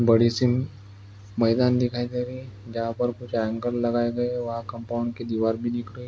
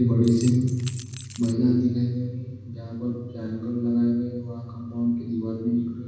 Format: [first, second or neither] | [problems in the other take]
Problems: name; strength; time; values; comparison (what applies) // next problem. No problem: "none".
first | background sound (Rattle / Keys jangling); 17 dB below the speech // room echo; dies away in 1.2 s